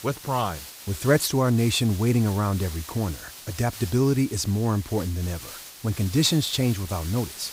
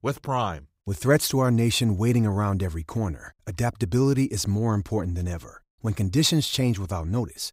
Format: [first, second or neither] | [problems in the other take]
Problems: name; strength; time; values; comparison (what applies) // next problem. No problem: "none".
second | hiss; noticeable; throughout; 15 dB below the speech